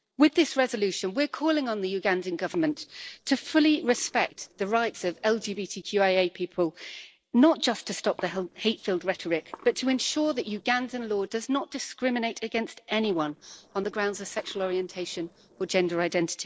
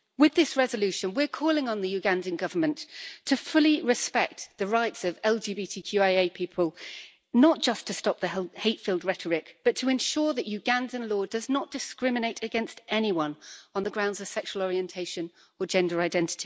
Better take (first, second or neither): second